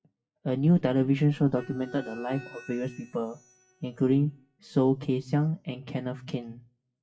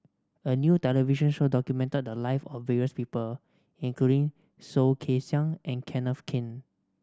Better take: second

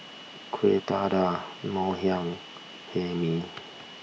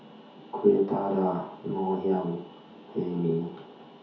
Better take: first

